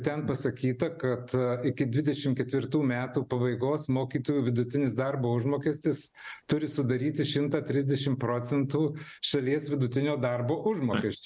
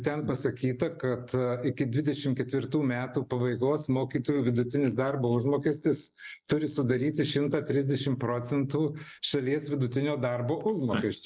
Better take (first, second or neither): first